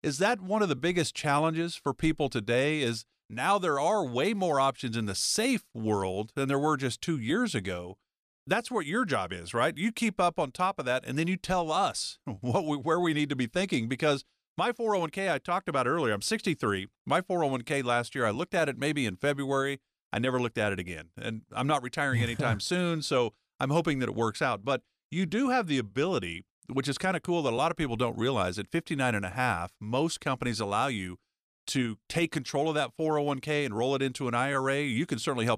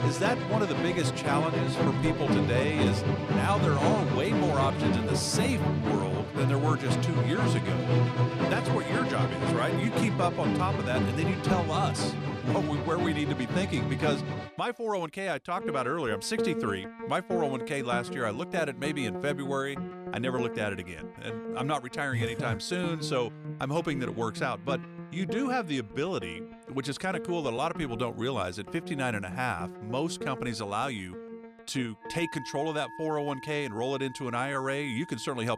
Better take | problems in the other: first | background music; very loud; throughout; 1 dB above the speech

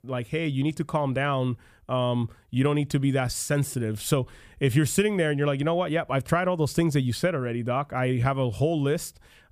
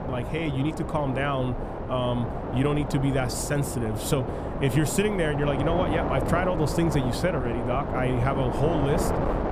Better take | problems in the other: first | wind noise on the microphone; heavy; 3 dB below the speech

